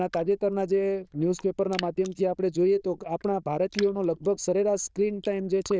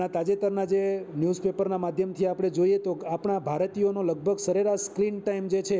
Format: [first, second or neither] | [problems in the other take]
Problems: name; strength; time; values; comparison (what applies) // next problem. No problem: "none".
second | noise reduction (neural diffusion model UNIVERSE++)